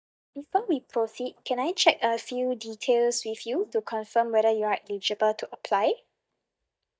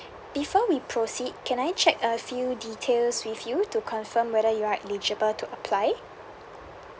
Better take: second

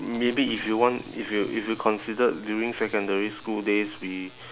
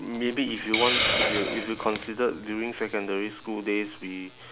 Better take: first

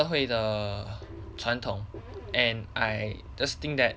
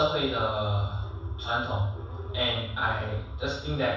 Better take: first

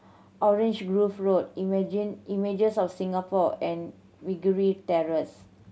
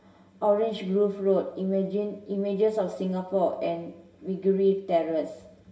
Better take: first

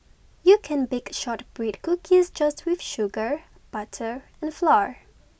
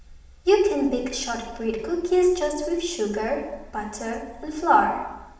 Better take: first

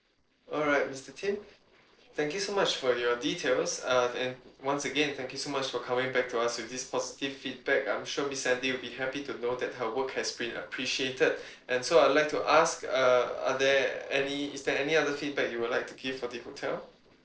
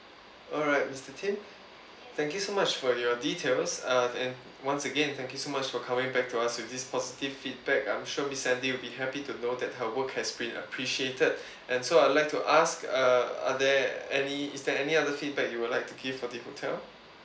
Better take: second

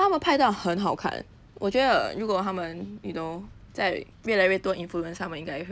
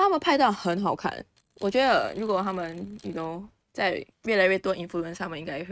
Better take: first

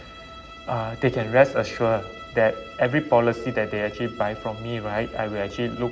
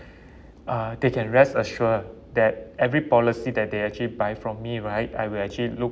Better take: second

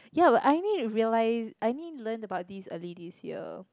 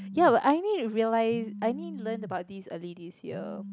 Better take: first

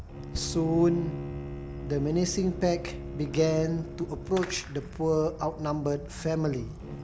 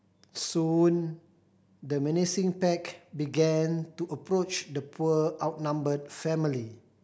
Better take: second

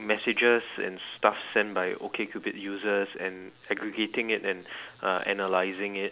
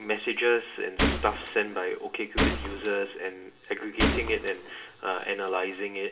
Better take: first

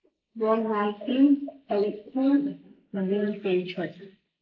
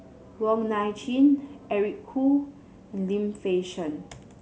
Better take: second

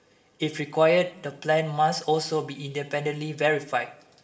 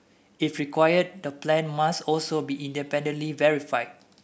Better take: second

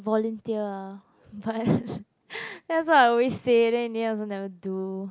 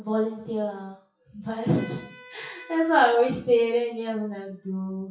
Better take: first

